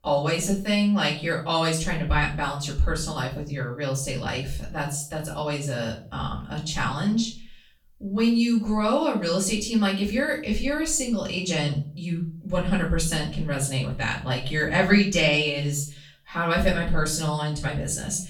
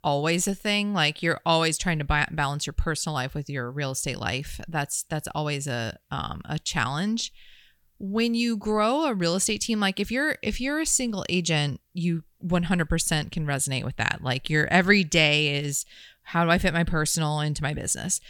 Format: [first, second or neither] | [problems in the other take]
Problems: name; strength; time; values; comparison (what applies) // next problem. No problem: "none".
second | off-mic speech; far // room echo; slight; dies away in 0.4 s